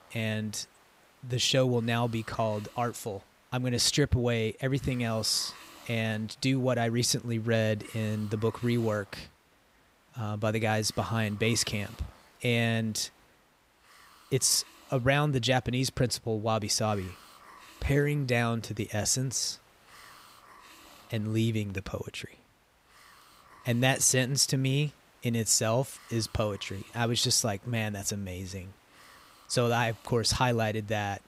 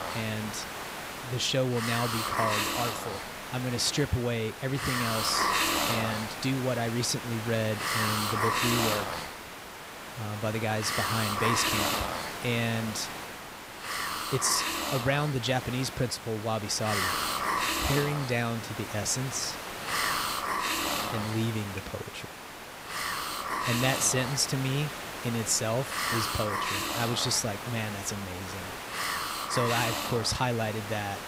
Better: first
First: hiss; faint; throughout; 25 dB below the speech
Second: hiss; loud; throughout; 1 dB below the speech

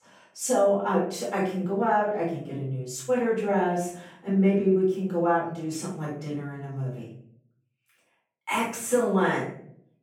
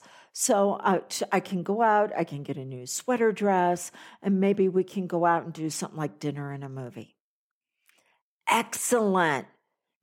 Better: second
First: off-mic speech; far // room echo; noticeable; dies away in 0.5 s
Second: none

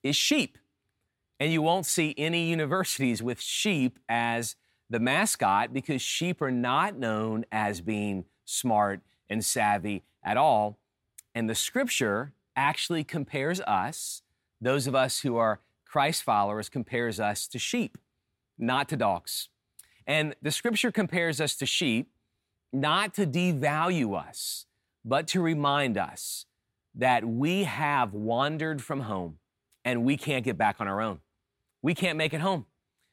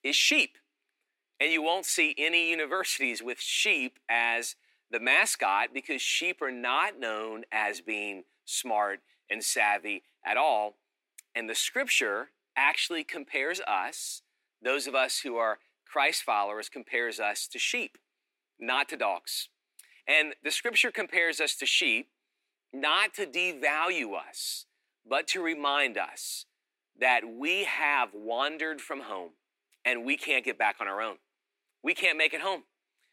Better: first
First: none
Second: thin; somewhat; fading below 300 Hz

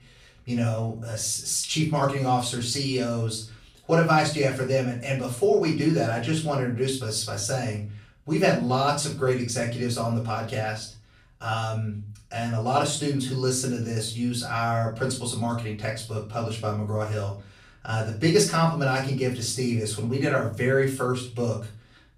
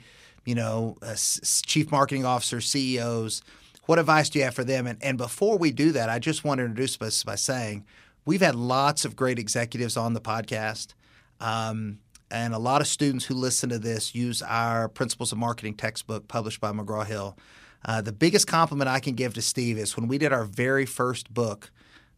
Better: second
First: off-mic speech; far // room echo; slight; dies away in 0.4 s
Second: none

